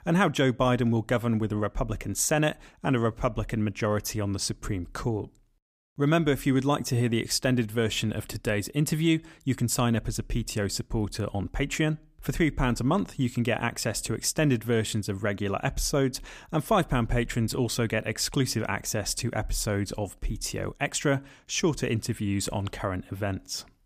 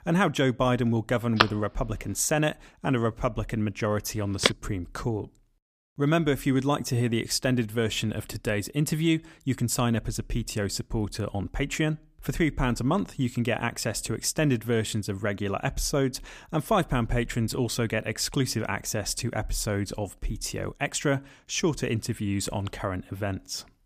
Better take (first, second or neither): first